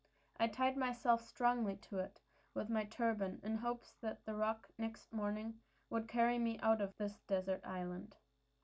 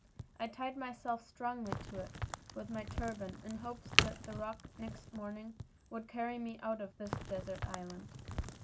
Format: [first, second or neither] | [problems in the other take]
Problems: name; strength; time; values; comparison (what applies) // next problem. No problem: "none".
first | background sound (Crack); 1 dB above the speech